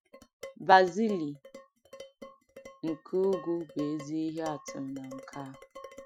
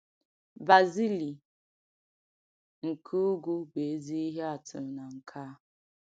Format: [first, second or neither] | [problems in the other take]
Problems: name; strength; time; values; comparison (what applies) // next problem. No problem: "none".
second | noise reduction (classical method Wiener filter)